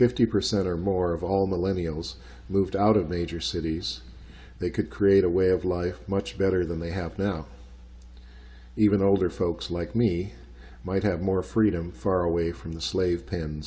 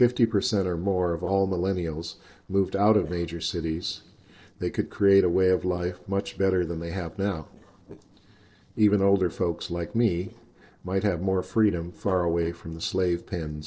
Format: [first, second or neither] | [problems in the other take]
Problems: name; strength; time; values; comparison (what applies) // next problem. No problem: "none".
first | noise reduction (neural separator model SepFormer DNS4)